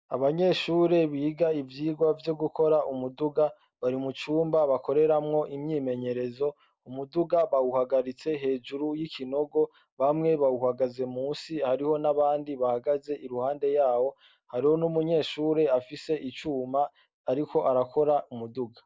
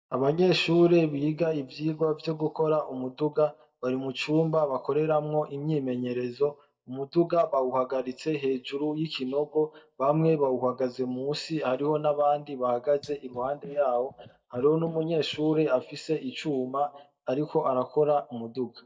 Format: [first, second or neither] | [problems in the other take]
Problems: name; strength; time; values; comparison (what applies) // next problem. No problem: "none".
first | noise reduction (neural mask model DeepFilterNet 3)